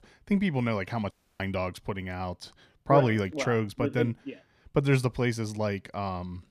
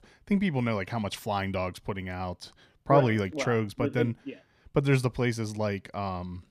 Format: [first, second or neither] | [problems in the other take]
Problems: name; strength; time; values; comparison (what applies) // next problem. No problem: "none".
second | audio cutting out; at 1 s